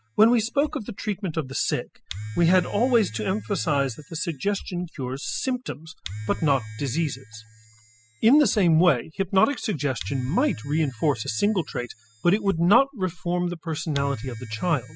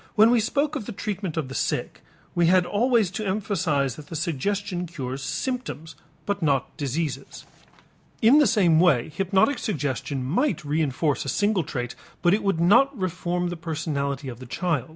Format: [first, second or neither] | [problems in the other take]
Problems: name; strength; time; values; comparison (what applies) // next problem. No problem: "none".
second | noise reduction (classical method spectral subtraction)